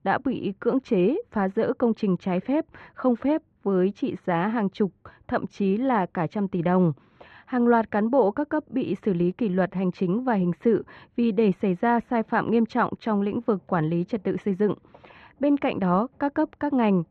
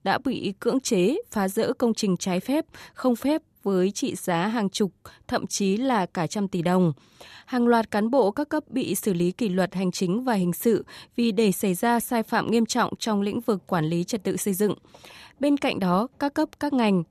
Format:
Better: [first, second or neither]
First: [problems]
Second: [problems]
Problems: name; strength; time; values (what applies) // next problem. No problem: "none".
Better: second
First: muffled; very; fading above 2 kHz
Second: none